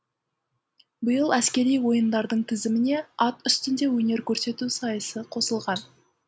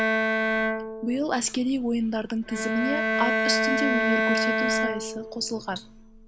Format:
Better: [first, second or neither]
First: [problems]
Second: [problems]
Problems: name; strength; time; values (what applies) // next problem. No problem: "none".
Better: first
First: none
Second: background sound (Bowed string instrument); 2 dB above the speech